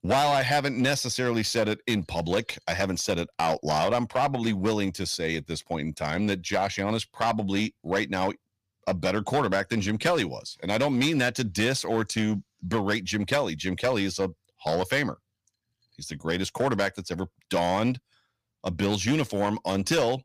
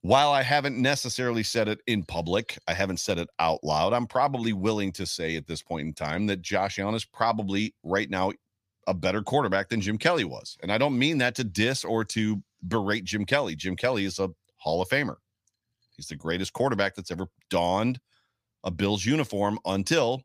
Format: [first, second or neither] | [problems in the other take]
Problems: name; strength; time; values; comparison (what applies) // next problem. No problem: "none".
second | distortion; slight; 6% of the sound clipped